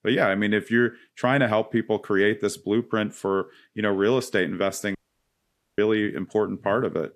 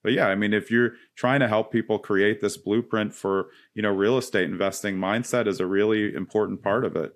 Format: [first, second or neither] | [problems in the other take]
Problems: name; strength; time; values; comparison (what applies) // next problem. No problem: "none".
second | audio cutting out; at 5 s for 1 s